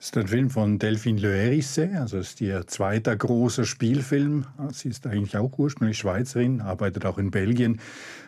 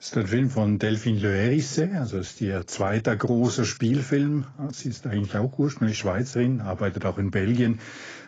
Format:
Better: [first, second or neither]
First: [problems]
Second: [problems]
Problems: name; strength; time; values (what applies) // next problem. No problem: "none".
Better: first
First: none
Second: garbled, watery; badly; nothing above 7.5 kHz